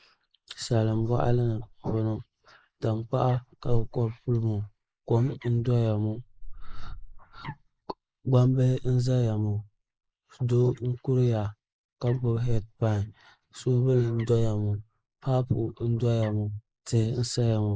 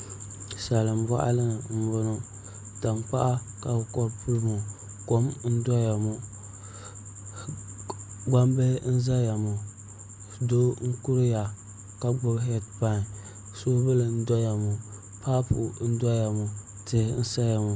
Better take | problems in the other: second | noise reduction (neural mask model Resemble Enhance denoiser)

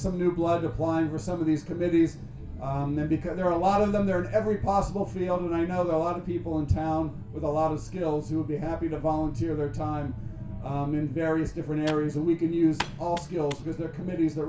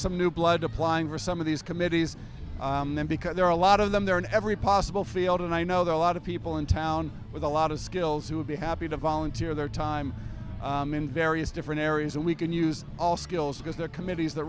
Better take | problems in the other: second | background sound (Computer keyboard); 15 dB below the speech // room echo; dies away in 0.3 s

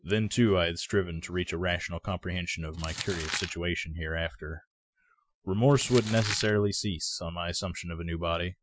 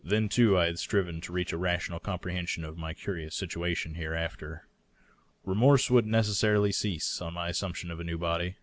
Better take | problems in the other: second | noise reduction (classical method Wiener filter)

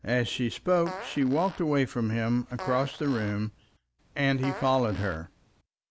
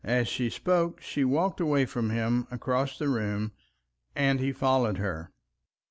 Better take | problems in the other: second | background sound (Fart); 15 dB below the speech

